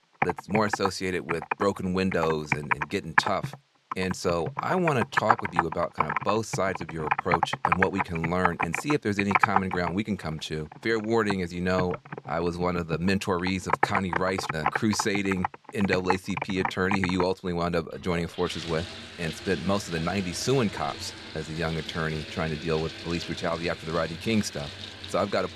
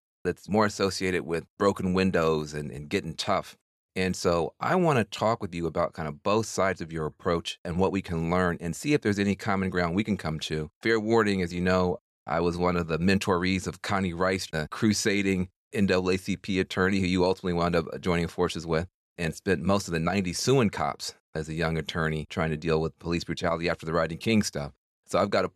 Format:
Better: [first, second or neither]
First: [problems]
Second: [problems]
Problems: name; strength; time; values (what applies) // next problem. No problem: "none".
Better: second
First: household noises; loud; throughout; 3 dB below the speech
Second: none